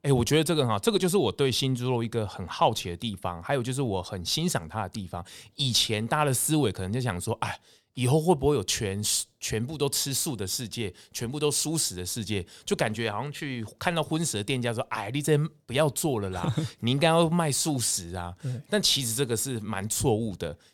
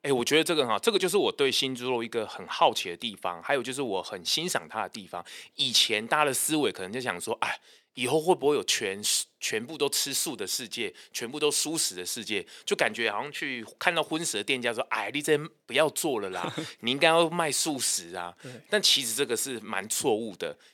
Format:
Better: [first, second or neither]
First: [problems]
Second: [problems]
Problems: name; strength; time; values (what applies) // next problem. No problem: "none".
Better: first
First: none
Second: thin; somewhat; fading below 350 Hz